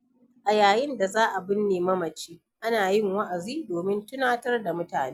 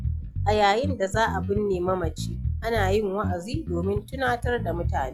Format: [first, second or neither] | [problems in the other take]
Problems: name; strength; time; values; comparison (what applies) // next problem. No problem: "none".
first | background sound (Bass guitar); 4 dB below the speech